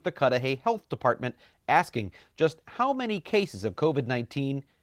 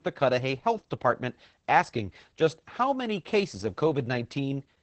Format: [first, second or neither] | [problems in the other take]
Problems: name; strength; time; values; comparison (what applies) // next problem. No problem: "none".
first | garbled, watery; badly; nothing above 8 kHz; slightly in the first